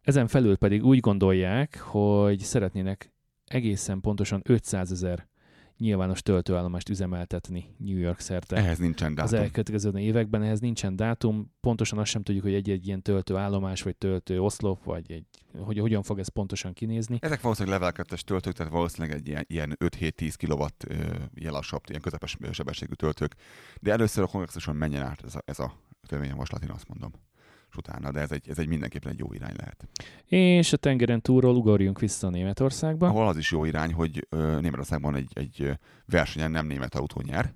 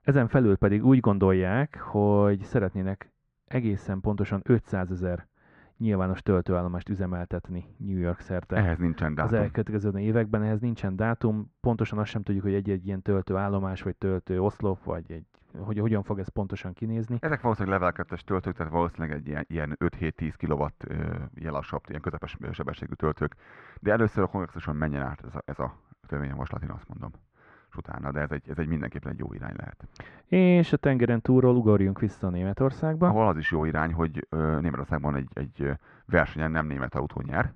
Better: first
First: none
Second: muffled; very; fading above 1.5 kHz

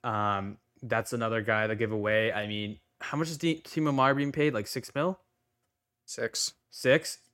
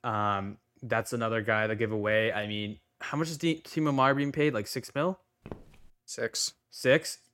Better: first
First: none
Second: footsteps; faint; at 5.5 s; peak 20 dB below the speech

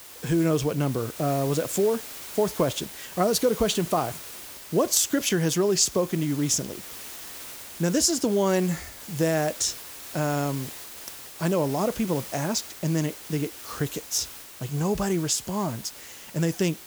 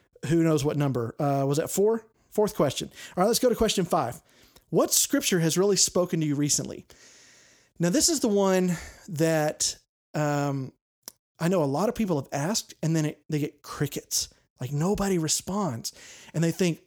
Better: second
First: hiss; noticeable; throughout; 15 dB below the speech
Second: none

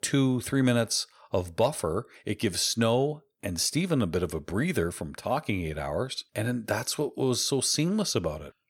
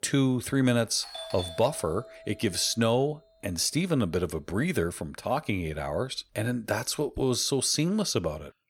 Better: first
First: none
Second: doorbell; noticeable; from 1 to 7 s; peak 9 dB below the speech

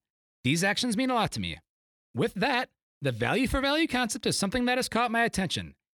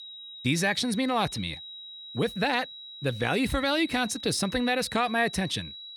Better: first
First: none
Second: high-pitched whine; noticeable; throughout; 4 kHz, 15 dB below the speech

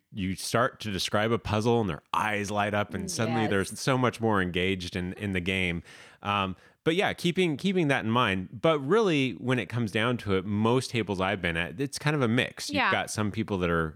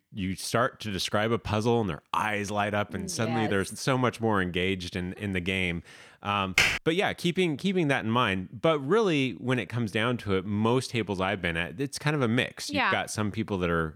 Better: first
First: none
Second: keyboard typing; loud; at 6.5 s; peak 5 dB above the speech

